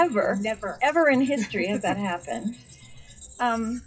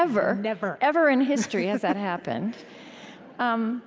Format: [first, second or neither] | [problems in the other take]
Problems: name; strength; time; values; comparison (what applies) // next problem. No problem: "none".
second | noise reduction (classical method WPE with log-MMSE)